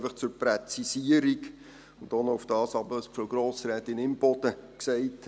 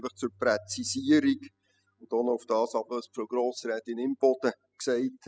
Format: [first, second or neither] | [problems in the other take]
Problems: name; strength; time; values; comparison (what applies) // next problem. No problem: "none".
first | noise reduction (classical method spectral subtraction)